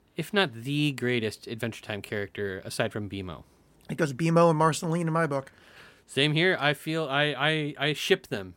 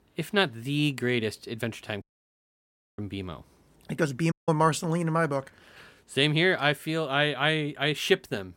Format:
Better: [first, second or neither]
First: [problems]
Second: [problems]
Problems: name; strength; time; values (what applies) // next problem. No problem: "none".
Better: first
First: none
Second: audio cutting out; at 2 s for 1 s and at 4.5 s